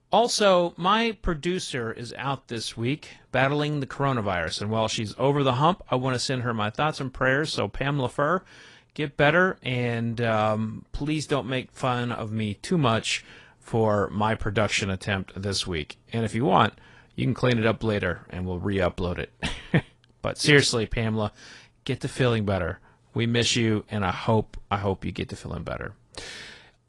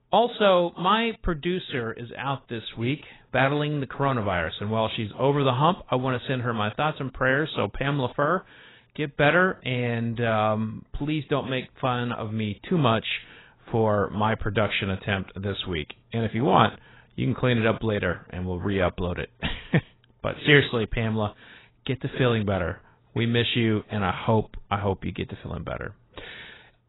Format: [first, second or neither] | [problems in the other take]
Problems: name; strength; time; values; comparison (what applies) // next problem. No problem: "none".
first | garbled, watery; badly; nothing above 4 kHz; slightly in the first